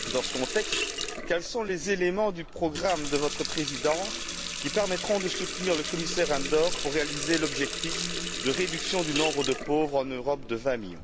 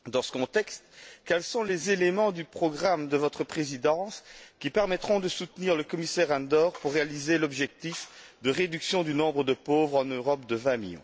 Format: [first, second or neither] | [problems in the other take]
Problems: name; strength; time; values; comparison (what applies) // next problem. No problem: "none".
second | background sound (Water tap, faucet); 4 dB below the speech